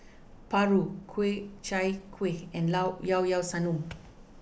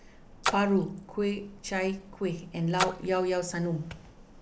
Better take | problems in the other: first | background sound (Splash, splatter); 7 dB below the speech

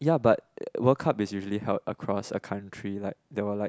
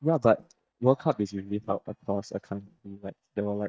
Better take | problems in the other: first | noise reduction (neural mask model DeepFilterNet 3)

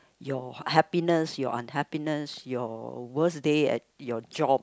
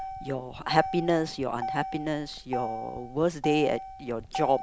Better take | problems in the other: first | background sound (Motor vehicle (road)); 7 dB below the speech

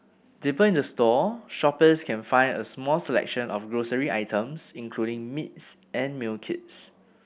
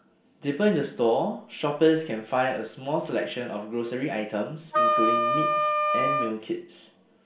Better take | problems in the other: first | background sound (Wind instrument, woodwind instrument); 4 dB above the speech // room echo; dies away in 0.5 s

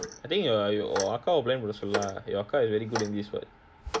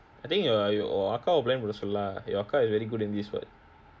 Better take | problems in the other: second | background sound (Clock); 10 dB below the speech

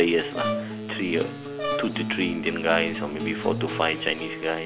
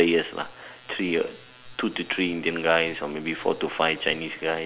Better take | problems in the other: second | background sound (Brass instrument + Acoustic guitar); 4 dB below the speech

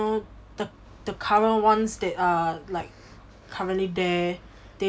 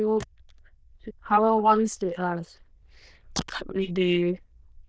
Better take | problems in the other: first | noise reduction (neural diffusion model UNIVERSE++)

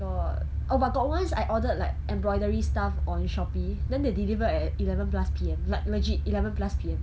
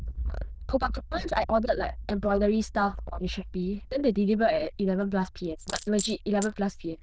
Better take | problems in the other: first | noise reduction (neural diffusion model UNIVERSE++)

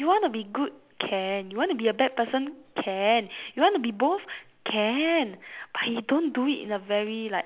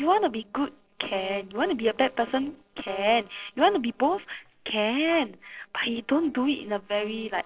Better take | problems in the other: first | noise reduction (neural separator model SepFormer DNS4)

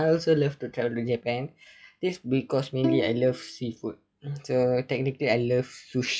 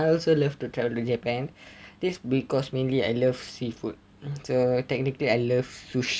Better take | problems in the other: second | noise reduction (classical method log-MMSE)

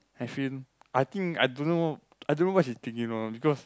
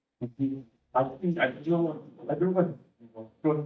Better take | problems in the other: first | noise reduction (neural mask model DeepFilterNet 3)

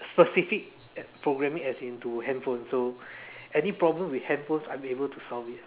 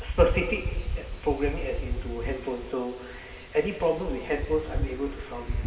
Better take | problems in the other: first | background sound (Wind); 2 dB below the speech // room echo; dies away in 3 s

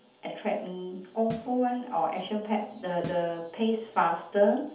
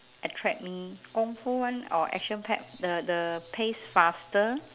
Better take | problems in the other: second | background sound (Snare drum); 17 dB below the speech // room echo; dies away in 0.6 s

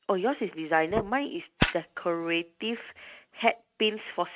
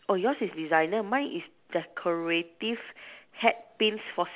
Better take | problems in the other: second | noise reduction (neural mask model RNNoise)

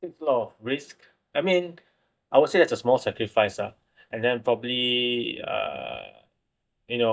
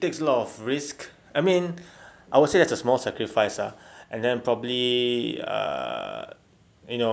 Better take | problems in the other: second | noise reduction (neural mask model DeepFilterNet 3)

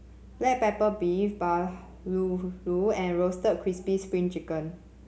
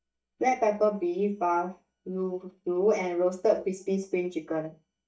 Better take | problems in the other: first | noise reduction (neural mask model DeepFilterNet 3)

